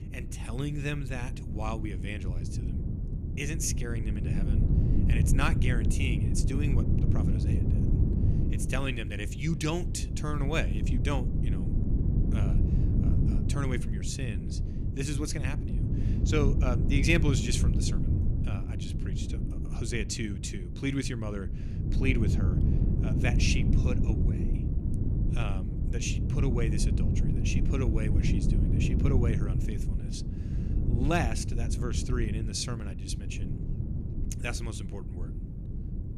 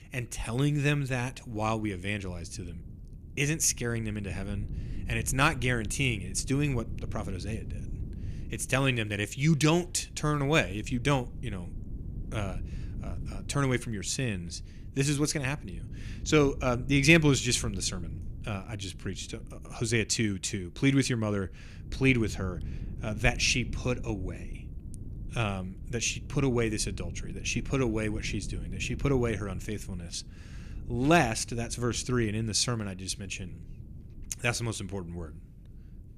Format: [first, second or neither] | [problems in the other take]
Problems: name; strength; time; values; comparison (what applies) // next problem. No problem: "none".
second | wind noise on the microphone; heavy; 5 dB below the speech; occasional gusts in the second